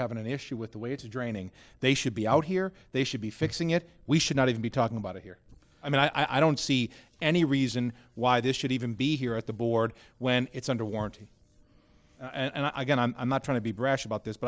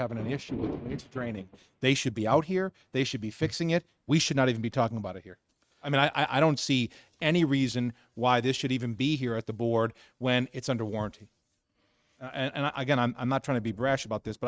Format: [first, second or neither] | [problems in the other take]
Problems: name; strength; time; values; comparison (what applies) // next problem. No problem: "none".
first | noise reduction (neural mask model RNNoise)